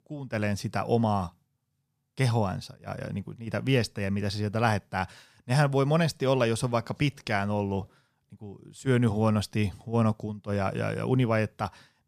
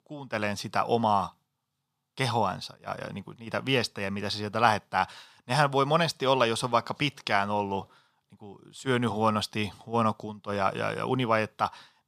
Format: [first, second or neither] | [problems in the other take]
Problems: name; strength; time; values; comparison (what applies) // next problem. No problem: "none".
first | thin; somewhat; fading below 450 Hz